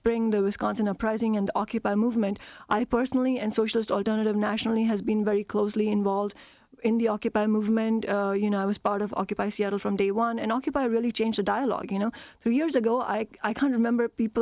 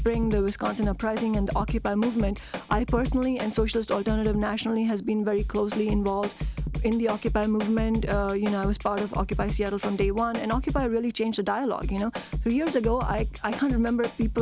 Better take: first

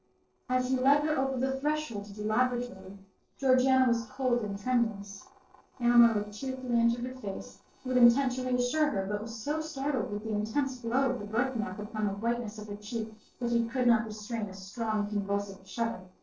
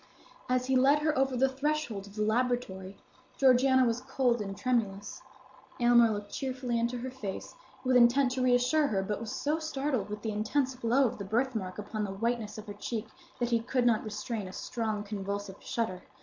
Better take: second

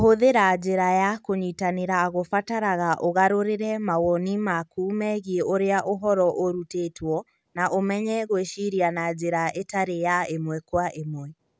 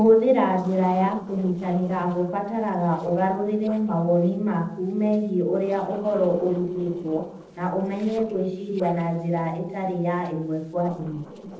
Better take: first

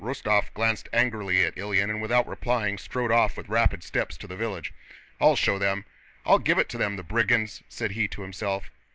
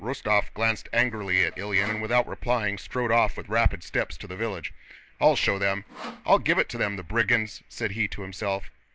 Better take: first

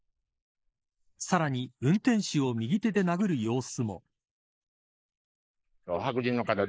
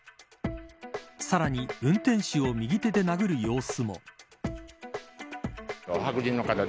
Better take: second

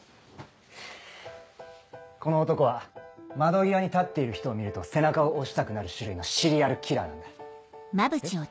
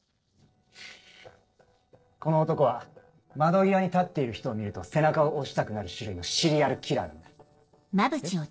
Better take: first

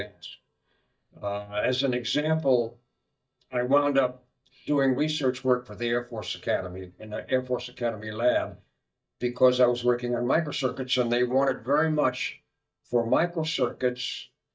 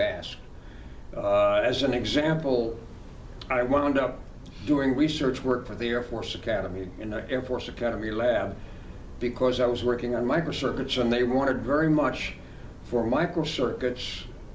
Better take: second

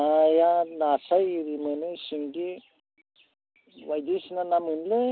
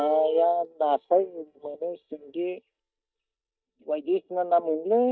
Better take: first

